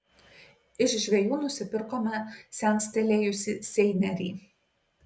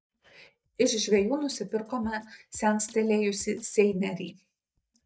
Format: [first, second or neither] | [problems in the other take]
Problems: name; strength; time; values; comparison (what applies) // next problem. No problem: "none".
first | noise reduction (neural mask model DeepFilterNet 3)